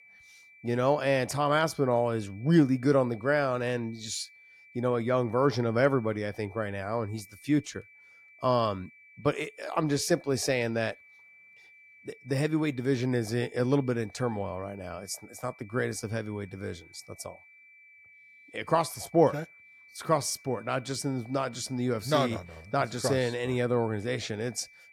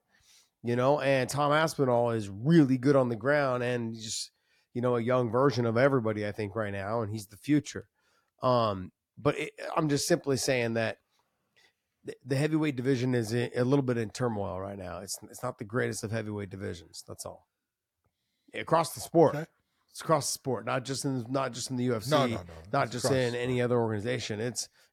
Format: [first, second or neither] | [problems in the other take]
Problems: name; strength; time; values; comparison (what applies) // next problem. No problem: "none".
second | high-pitched whine; faint; throughout; 2.5 kHz, 25 dB below the speech